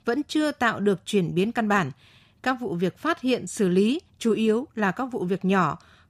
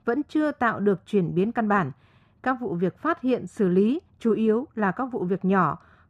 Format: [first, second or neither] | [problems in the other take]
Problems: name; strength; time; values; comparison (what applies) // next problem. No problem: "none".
first | muffled; very; fading above 2.5 kHz